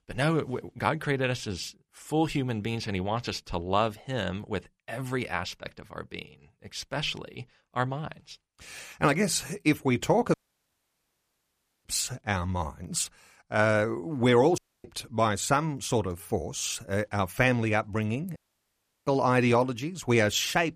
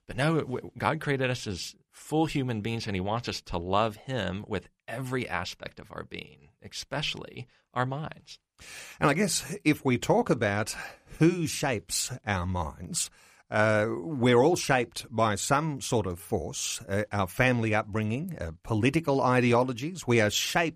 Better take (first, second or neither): second